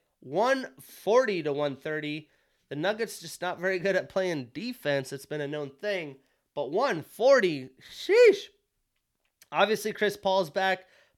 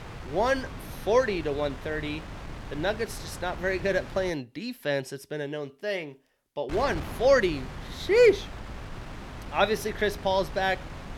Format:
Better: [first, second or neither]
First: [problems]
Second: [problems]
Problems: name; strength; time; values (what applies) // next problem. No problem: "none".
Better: first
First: none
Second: wind noise on the microphone; occasional gusts; until 4.5 s and from 6.5 s on; 15 dB below the speech